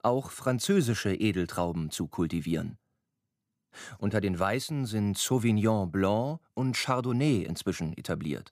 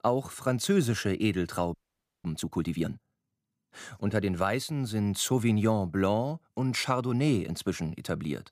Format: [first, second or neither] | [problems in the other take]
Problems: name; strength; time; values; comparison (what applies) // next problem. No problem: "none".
first | audio freezing; at 1.5 s for 0.5 s